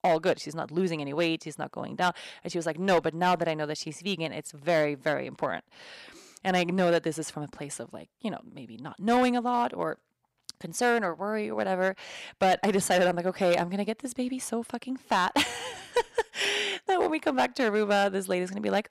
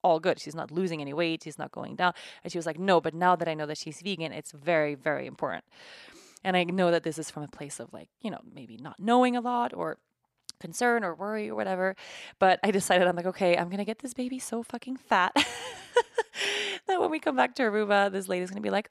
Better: second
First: distortion; slight; 4% of the sound clipped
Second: none

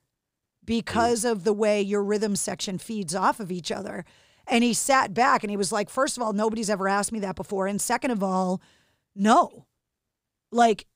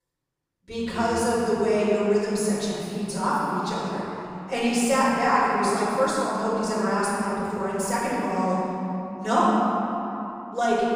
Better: first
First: none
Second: room echo; strong; dies away in 3 s // off-mic speech; far

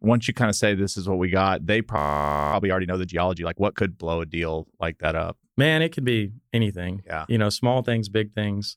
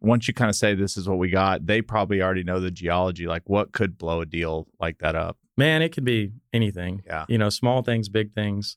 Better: second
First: audio freezing; at 2 s for 0.5 s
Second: none

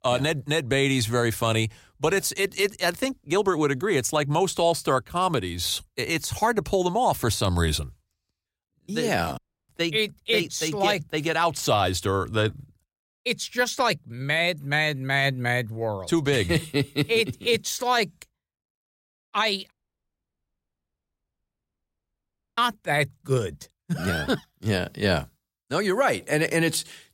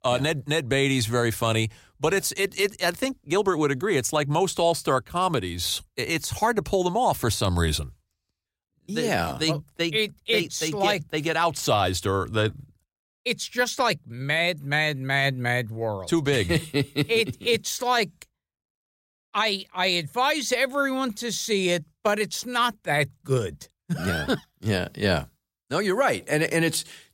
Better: second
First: audio cutting out; at 9.5 s and at 20 s for 3 s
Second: none

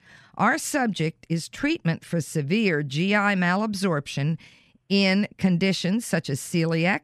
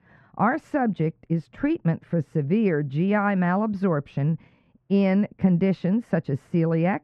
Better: first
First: none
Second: muffled; very; fading above 3 kHz

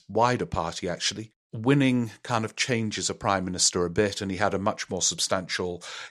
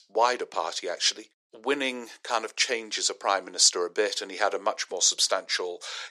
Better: first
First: none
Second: thin; very; fading below 400 Hz

